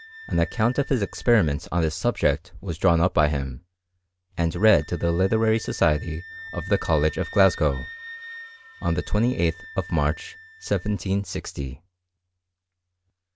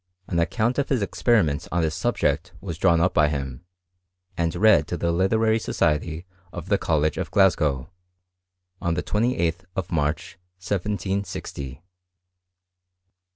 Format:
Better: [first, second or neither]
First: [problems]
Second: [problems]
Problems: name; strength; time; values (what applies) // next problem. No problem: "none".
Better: second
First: background sound (Wind instrument, woodwind instrument); 20 dB below the speech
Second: none